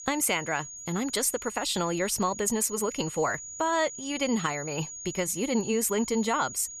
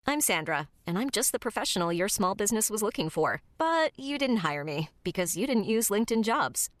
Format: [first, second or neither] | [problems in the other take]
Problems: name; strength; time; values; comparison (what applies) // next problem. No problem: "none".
second | high-pitched whine; loud; throughout; 6.5 kHz, 10 dB below the speech